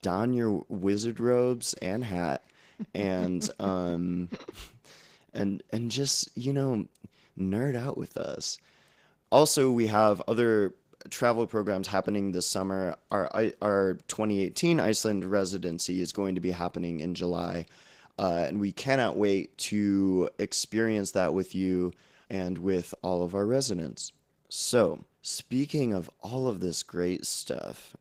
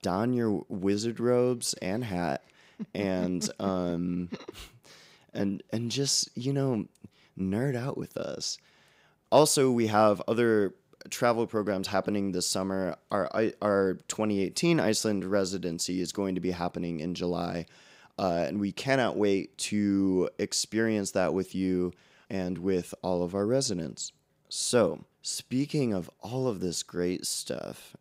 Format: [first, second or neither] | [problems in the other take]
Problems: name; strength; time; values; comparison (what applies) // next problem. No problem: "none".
second | garbled, watery; slightly; nothing above 15.5 kHz